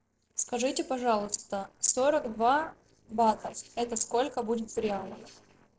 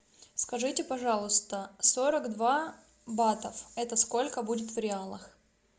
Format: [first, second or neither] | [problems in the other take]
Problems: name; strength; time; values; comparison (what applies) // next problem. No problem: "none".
second | noise reduction (neural separator model SepFormer DNS4)